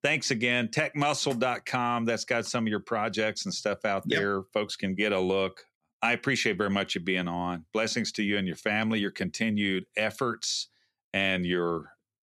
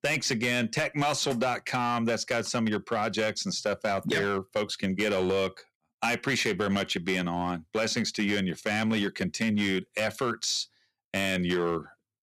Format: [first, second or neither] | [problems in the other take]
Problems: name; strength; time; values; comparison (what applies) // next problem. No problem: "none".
first | distortion; slight; 7% of the sound clipped